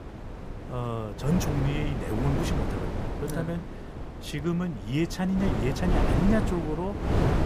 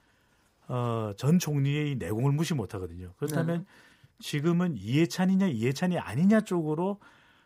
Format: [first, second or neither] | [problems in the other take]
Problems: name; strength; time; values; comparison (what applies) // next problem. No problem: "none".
second | wind noise on the microphone; heavy; 2 dB below the speech